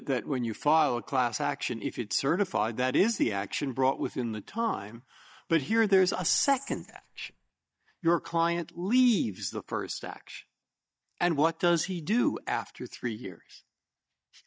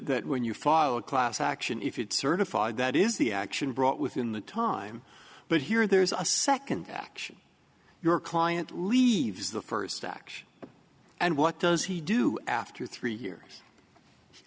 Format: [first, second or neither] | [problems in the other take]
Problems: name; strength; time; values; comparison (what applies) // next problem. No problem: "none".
second | noise reduction (neural mask model DeepFilterNet 3)